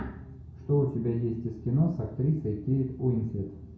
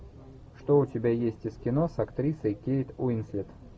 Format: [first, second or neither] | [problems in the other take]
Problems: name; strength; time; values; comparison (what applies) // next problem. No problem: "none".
second | room echo; dies away in 0.6 s